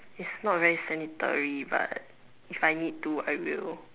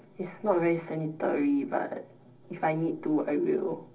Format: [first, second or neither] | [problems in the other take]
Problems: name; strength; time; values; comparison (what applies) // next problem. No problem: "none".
first | room echo; dies away in 0.4 s